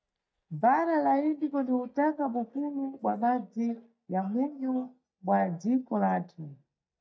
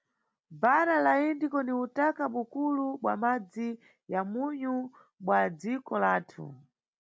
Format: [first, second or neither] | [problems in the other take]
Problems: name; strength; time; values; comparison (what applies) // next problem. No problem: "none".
second | noise reduction (neural mask model DeepFilterNet 3)